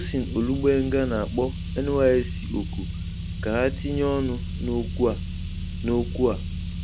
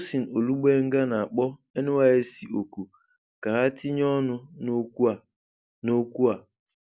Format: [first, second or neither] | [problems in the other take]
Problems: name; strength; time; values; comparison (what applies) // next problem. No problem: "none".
second | background sound (Car); 5 dB below the speech